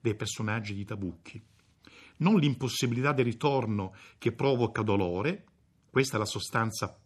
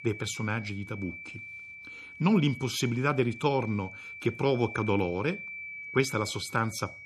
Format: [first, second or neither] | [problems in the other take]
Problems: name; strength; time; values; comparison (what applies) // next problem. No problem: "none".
first | high-pitched whine; noticeable; throughout; 2.5 kHz, 10 dB below the speech